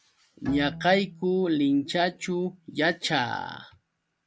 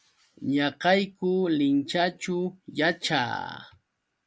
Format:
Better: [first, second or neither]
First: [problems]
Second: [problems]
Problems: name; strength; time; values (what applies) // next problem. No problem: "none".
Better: second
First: background sound (Bowed string instrument); 19 dB below the speech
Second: none